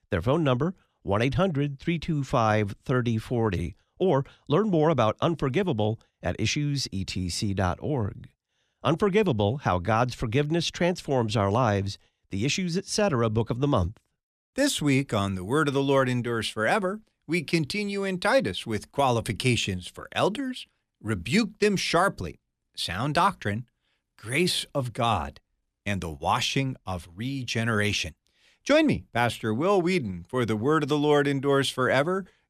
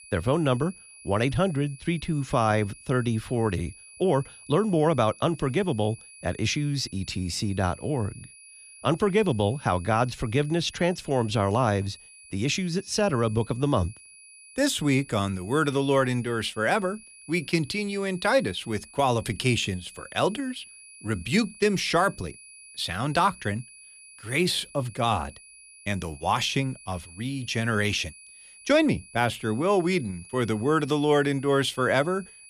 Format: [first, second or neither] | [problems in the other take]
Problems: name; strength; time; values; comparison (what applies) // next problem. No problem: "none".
first | high-pitched whine; faint; throughout; 10 kHz, 20 dB below the speech